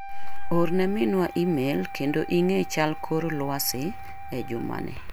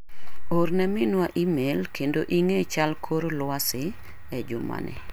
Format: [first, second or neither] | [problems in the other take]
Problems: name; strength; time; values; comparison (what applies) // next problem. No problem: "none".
second | background sound (Wind instrument, woodwind instrument); 17 dB below the speech